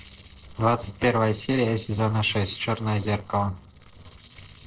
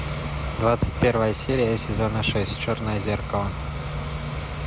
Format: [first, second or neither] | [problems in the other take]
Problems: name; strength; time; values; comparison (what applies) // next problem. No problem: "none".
second | noise reduction (neural separator model SepFormer DNS4)